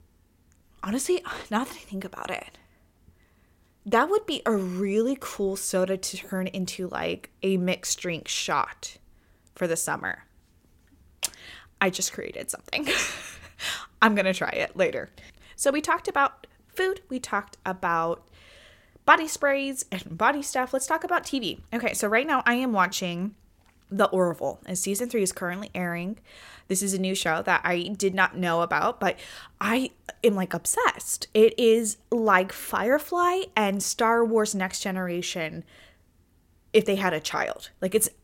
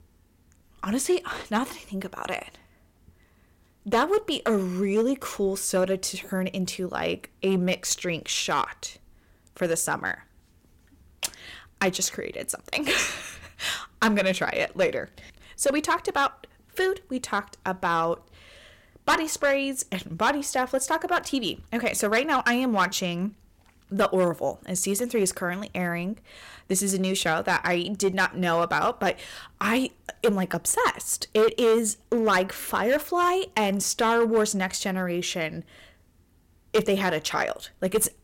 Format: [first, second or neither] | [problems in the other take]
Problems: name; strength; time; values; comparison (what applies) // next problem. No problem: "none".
first | distortion; slight; 3% of the sound clipped